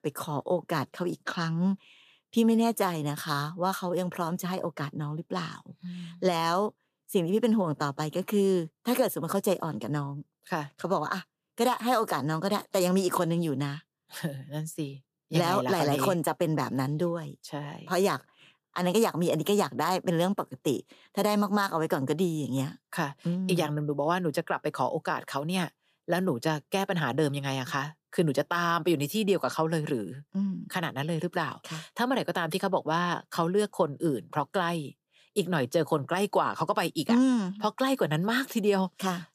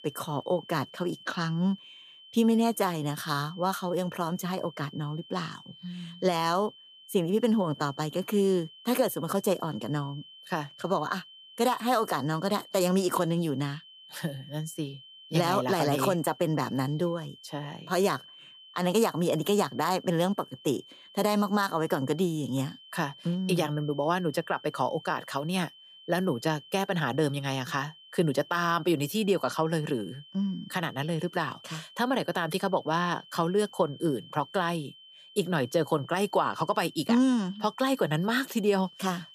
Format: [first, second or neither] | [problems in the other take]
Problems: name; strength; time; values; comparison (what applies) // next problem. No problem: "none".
first | high-pitched whine; faint; throughout; 3 kHz, 20 dB below the speech